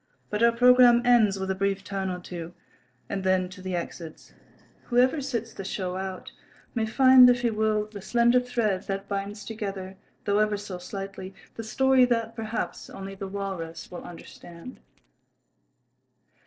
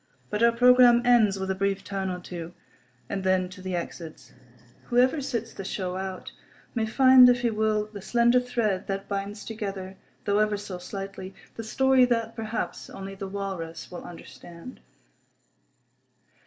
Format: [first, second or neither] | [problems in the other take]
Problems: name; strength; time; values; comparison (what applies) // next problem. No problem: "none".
second | noise reduction (neural separator model SepFormer DNS4)